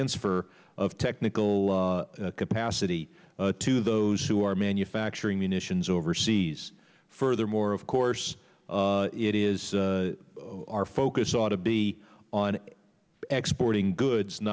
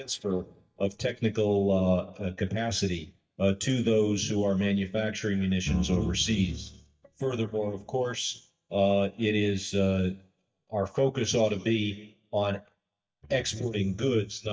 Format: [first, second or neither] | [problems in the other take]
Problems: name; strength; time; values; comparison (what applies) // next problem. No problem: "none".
first | noise reduction (neural mask model DeepFilterNet 3)